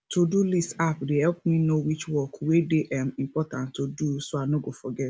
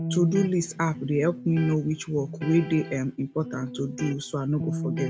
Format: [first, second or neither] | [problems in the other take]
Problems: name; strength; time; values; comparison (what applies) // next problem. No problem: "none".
first | background sound (Electric guitar); 8 dB below the speech